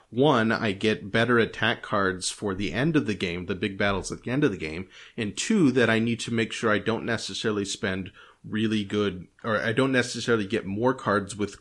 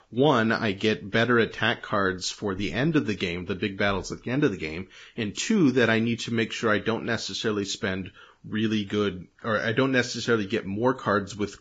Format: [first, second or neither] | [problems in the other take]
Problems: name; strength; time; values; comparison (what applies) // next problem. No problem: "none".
first | garbled, watery; badly; nothing above 7.5 kHz; slightly in the first